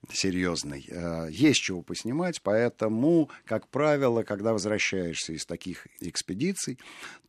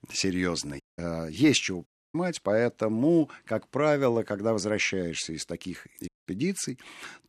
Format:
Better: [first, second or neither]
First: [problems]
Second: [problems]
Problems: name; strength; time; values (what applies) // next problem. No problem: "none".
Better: first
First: none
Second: audio cutting out; at 1 s, at 2 s and at 6 s